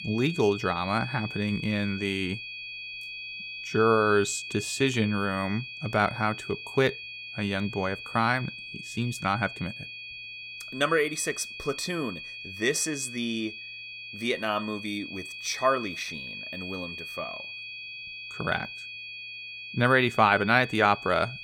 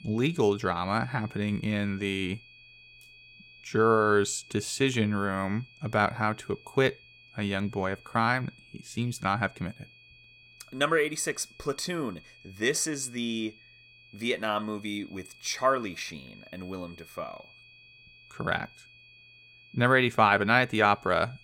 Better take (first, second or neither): second